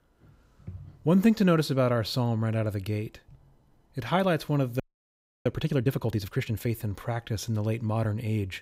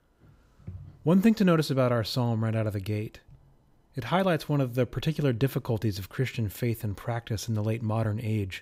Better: second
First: audio freezing; at 5 s for 0.5 s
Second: none

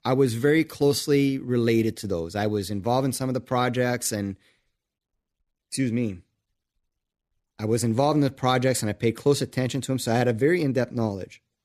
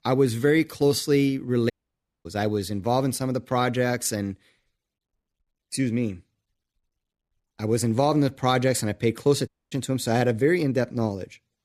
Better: first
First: none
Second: audio cutting out; at 1.5 s for 0.5 s and at 9.5 s

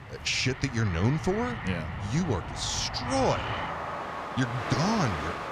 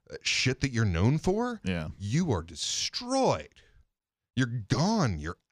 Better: second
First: train or aircraft noise; loud; throughout; 5 dB below the speech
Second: none

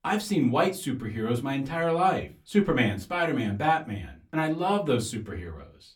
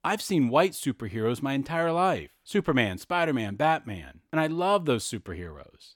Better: second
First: off-mic speech; far // room echo; very slight; dies away in 0.2 s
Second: none

